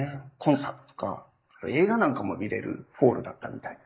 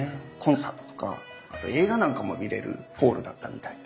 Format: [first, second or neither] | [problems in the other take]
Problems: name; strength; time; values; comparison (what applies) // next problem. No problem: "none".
second | noise reduction (neural mask model Resemble Enhance denoiser)